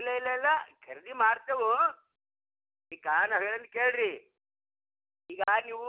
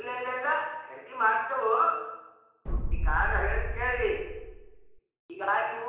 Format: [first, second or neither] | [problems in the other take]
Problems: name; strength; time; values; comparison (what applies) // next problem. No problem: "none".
first | background sound (Boom); as loud as the speech // room echo; dies away in 1 s